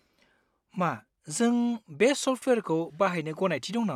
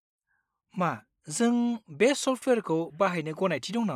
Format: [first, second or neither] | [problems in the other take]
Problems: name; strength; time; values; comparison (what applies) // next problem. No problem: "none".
first | noise reduction (neural mask model Resemble Enhance denoiser)